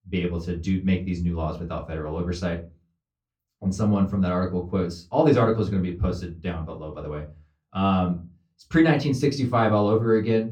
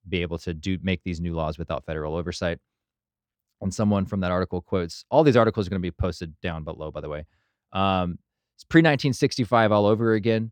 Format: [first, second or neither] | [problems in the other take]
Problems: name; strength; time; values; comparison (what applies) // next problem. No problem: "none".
second | off-mic speech; far // room echo; very slight; dies away in 0.3 s